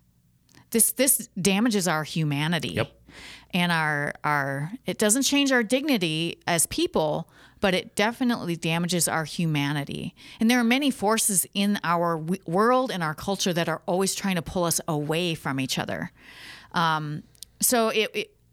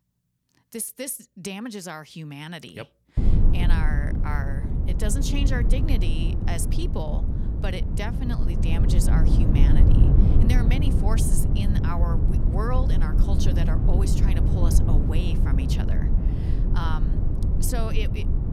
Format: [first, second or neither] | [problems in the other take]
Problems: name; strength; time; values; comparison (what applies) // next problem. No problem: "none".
first | low rumble; loud; from 3 s on; 2 dB below the speech